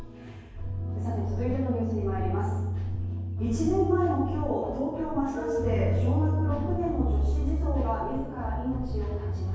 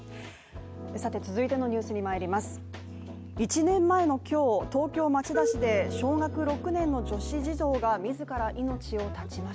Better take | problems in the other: second | background sound (Breathing); 14 dB below the speech // room echo; dies away in 1.3 s

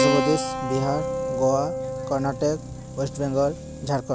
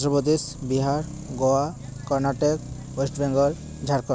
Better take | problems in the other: second | background sound (Keyboard (musical)); 3 dB below the speech

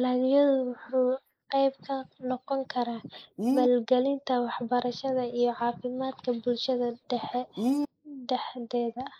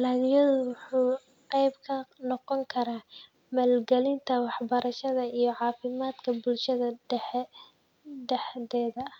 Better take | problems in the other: second | noise reduction (neural mask model Resemble Enhance denoiser)

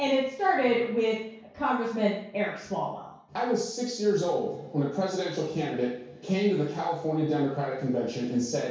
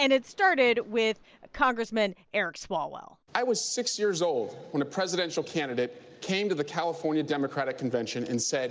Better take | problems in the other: second | room echo; dies away in 0.6 s

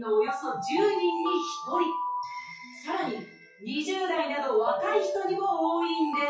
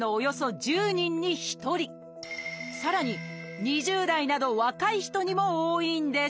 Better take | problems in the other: second | noise reduction (classical method WPE with log-MMSE)

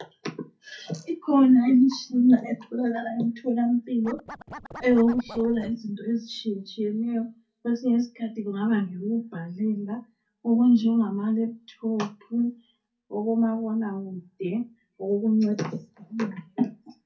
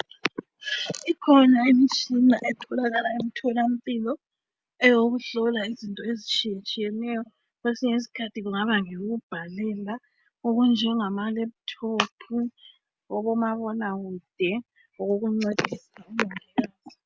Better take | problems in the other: second | background sound (Scratching (performance technique)); 15 dB below the speech // room echo; dies away in 0.3 s

